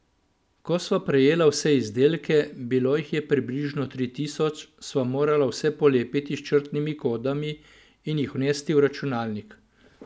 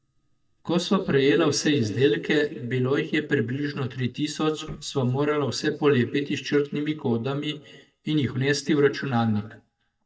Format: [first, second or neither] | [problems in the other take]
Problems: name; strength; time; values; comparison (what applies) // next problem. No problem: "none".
first | noise reduction (neural mask model DeepFilterNet 3)